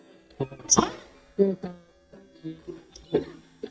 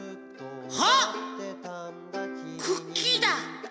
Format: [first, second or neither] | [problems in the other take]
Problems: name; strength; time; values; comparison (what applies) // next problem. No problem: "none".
second | noise reduction (neural mask model DeepFilterNet 3)